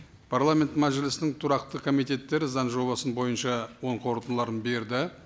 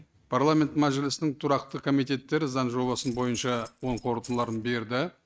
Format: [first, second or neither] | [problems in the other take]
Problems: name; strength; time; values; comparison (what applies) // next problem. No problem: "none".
first | noise reduction (neural mask model RNNoise)